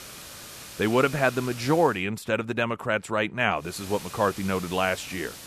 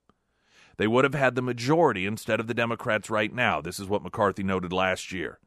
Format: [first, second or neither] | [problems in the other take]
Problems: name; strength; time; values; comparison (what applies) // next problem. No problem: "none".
second | hiss; noticeable; until 2 s and from 3.5 s on; 15 dB below the speech